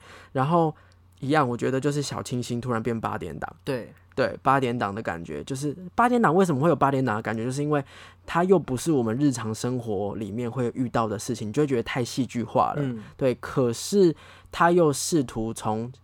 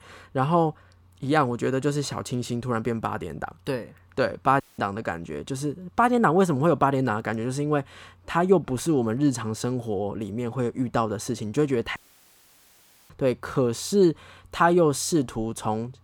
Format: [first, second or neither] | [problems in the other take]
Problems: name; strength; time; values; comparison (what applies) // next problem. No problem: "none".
first | audio cutting out; at 4.5 s and at 12 s for 1 s